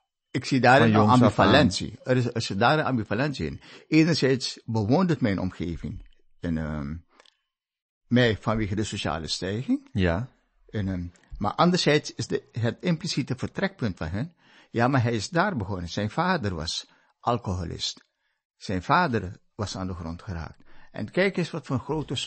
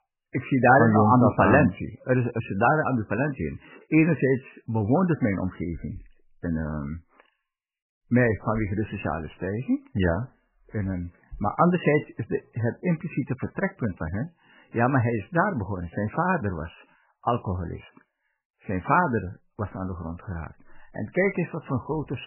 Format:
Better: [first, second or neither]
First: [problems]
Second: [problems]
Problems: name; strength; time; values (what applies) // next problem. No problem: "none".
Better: first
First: garbled, watery; slightly; nothing above 8 kHz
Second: garbled, watery; badly; nothing above 2.5 kHz